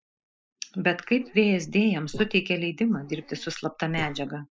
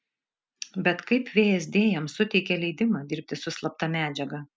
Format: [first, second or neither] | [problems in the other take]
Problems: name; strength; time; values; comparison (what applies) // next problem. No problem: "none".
second | noise reduction (neural mask model Resemble Enhance denoiser)